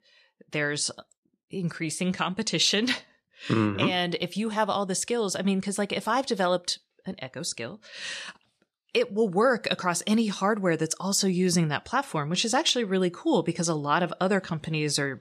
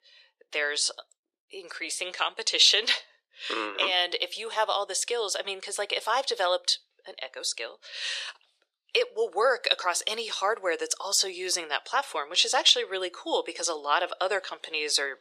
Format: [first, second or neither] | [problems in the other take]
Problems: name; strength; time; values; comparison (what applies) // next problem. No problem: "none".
first | thin; very; fading below 450 Hz